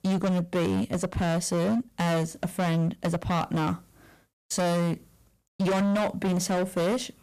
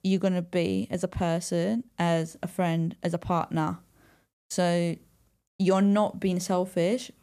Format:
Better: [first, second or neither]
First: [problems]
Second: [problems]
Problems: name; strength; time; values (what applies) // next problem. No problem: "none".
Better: second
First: distortion; heavy; 23% of the sound clipped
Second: none